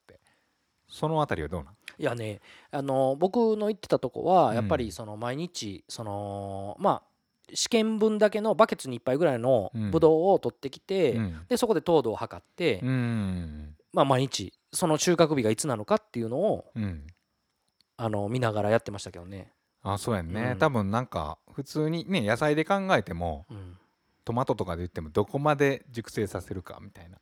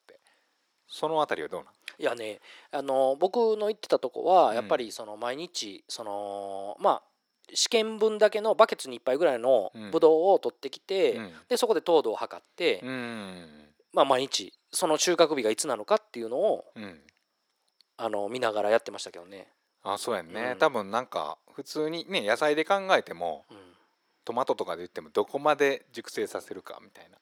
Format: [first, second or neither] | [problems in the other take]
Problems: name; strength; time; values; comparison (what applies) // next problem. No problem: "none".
first | thin; somewhat; fading below 450 Hz